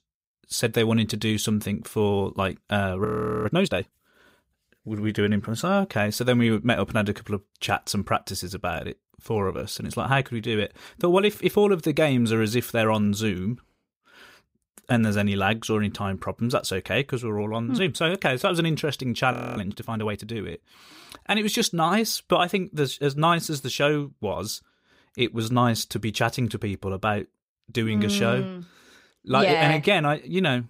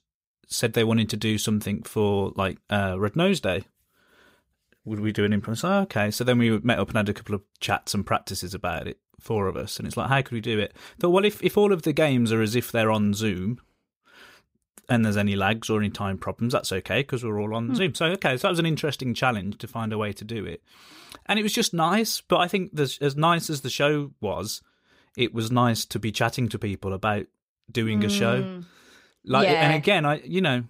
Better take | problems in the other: second | audio freezing; at 3 s and at 19 s

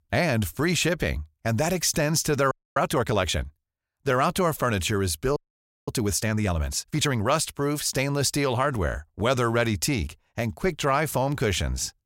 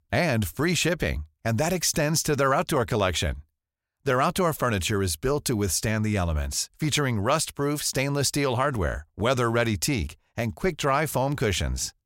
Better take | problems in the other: second | audio freezing; at 2.5 s and at 5.5 s for 0.5 s

